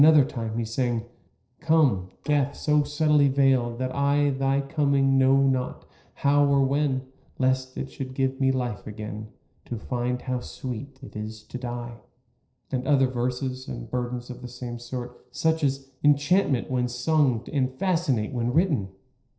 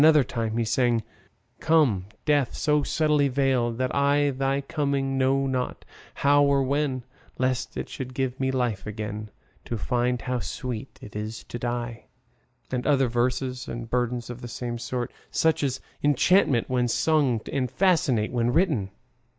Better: second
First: noise reduction (neural separator model SepFormer DNS4)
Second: none

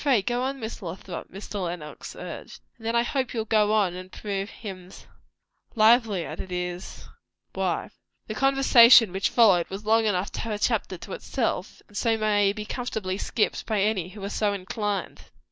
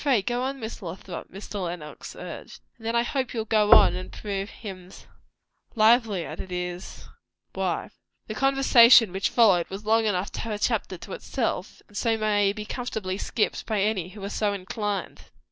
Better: first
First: none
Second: background sound (Knock); 1 dB above the speech

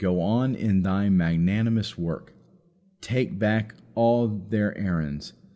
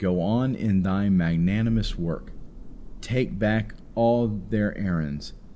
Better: first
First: none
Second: background sound (Thunder / Rain); 13 dB below the speech

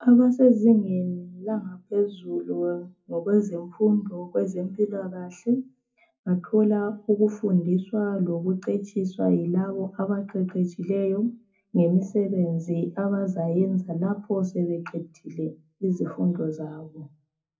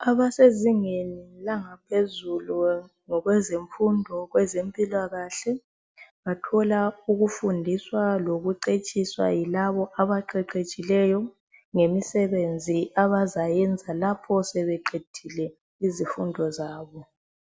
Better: second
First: room echo; dies away in 0.3 s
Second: none

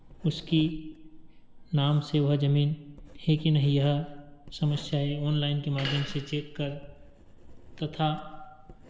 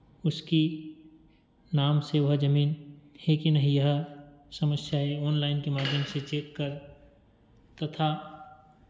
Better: second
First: background sound (Writing); 17 dB below the speech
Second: none

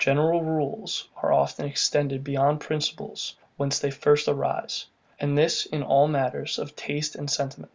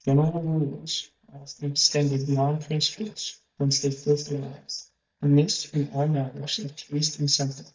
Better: first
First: none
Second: noise reduction (neural mask model DeepFilterNet 3)

